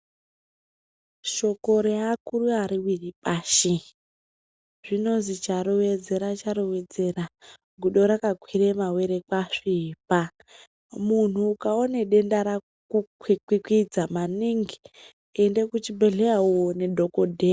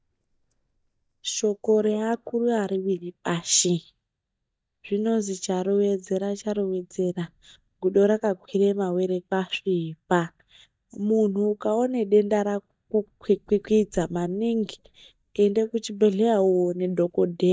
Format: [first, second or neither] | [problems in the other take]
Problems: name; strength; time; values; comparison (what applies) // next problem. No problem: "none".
first | noise reduction (neural mask model DeepFilterNet 3)